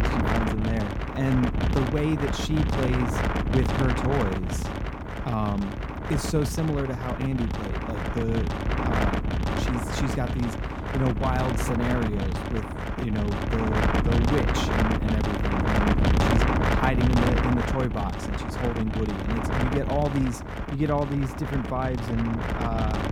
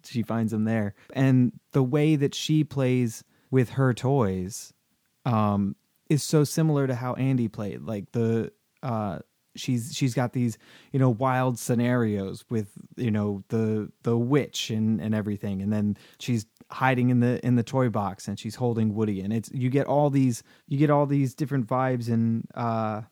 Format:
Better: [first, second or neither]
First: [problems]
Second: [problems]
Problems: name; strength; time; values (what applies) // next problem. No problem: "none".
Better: second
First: wind noise on the microphone; heavy; 2 dB above the speech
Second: none